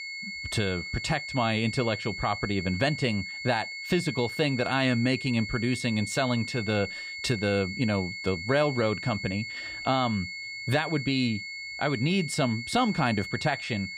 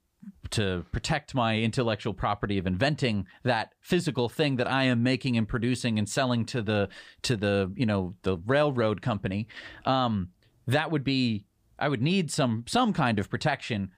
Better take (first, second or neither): second